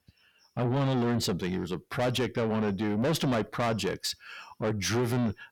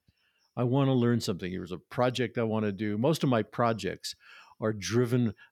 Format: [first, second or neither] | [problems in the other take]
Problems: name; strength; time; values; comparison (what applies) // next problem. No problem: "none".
second | distortion; heavy; 5 dB below the speech